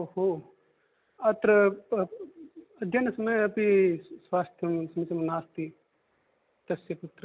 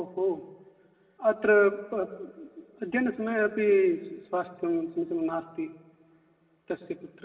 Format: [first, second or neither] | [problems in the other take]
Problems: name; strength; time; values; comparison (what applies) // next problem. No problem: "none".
first | room echo; dies away in 2.4 s